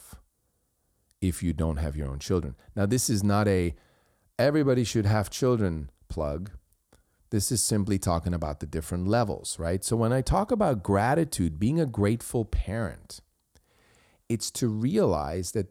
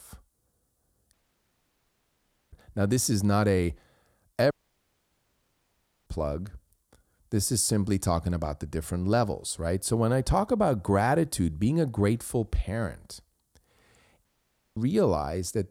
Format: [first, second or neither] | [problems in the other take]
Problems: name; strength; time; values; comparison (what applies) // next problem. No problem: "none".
first | audio cutting out; at 1 s for 1.5 s, at 4.5 s for 1.5 s and at 14 s for 0.5 s